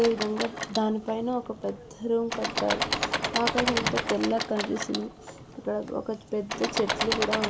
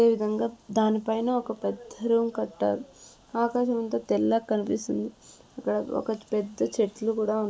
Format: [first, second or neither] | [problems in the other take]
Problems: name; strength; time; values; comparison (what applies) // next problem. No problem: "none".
second | background sound (Engine / Mechanisms); 3 dB below the speech